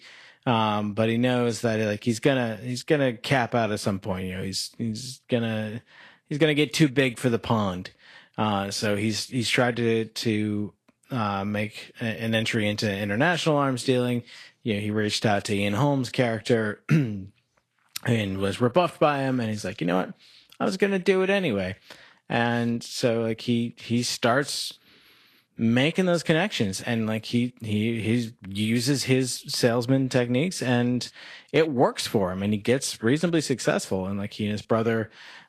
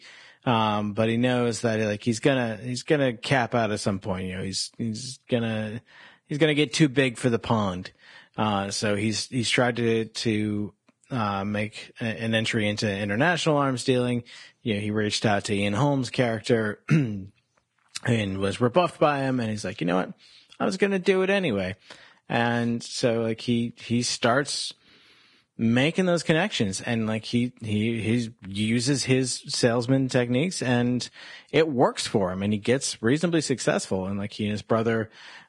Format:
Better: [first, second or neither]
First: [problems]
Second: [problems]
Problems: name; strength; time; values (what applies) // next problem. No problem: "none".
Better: first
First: garbled, watery; slightly; nothing above 13 kHz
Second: garbled, watery; badly